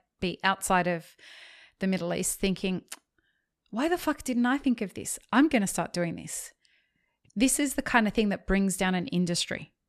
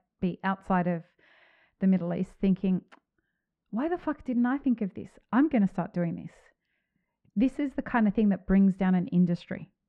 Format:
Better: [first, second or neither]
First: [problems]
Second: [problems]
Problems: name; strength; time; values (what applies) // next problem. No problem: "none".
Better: first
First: none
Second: muffled; very; fading above 1.5 kHz